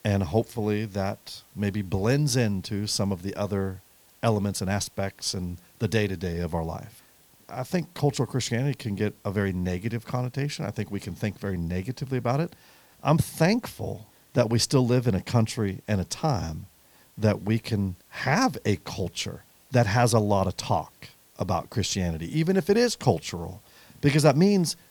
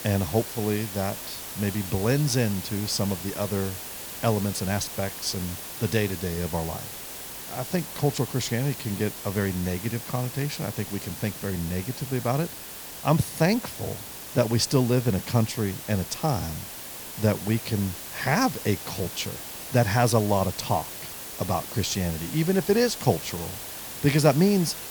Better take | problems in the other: first | hiss; loud; throughout; 9 dB below the speech; faint in the first

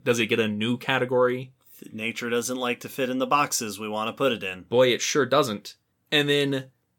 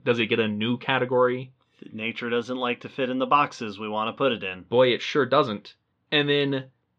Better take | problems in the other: first | muffled; slightly; fading above 3.5 kHz

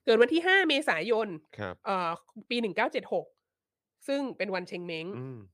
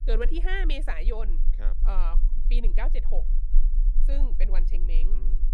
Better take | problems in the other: first | low rumble; noticeable; throughout; 20 dB below the speech

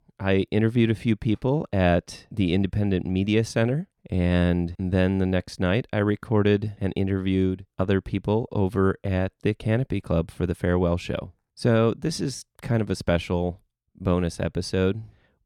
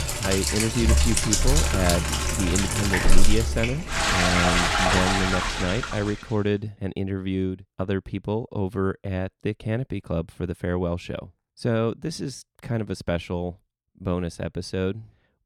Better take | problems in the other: first | household noises; very loud; until 6 s; 5 dB above the speech

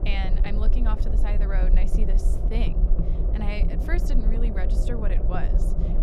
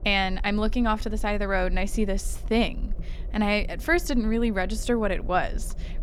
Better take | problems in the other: second | low rumble; loud; throughout; 3 dB below the speech; faint in the second

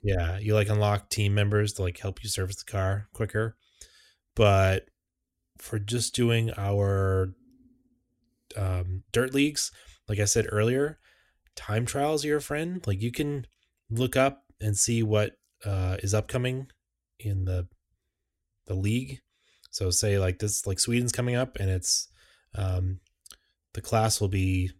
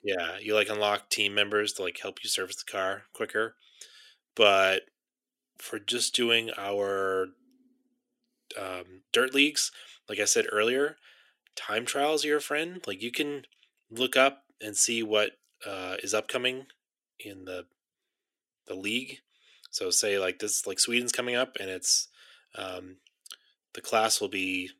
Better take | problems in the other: first | thin; somewhat; fading below 300 Hz

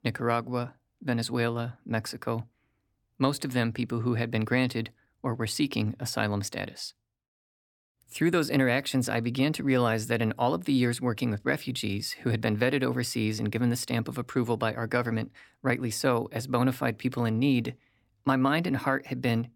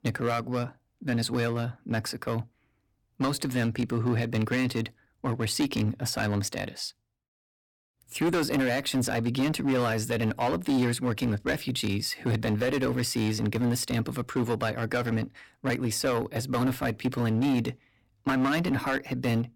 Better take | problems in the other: first | distortion; heavy; 9% of the sound clipped

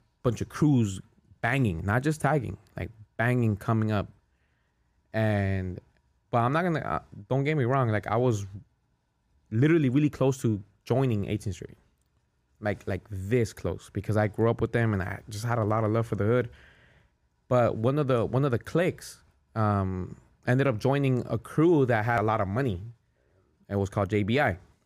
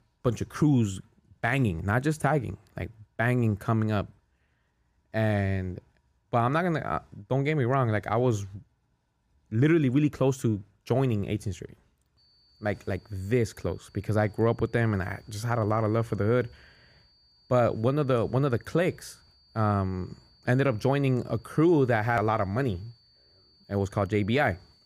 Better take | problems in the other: first | high-pitched whine; faint; from 12 s on; 4.5 kHz, 35 dB below the speech

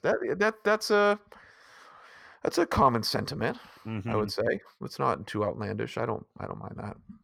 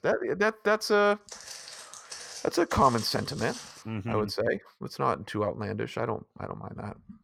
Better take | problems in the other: first | footsteps; faint; from 1.5 to 4 s; peak 10 dB below the speech

